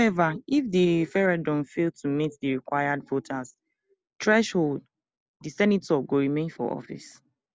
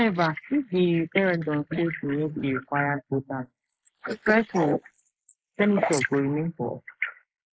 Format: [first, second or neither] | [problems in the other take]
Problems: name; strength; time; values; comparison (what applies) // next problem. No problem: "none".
first | noise reduction (neural mask model Resemble Enhance denoiser)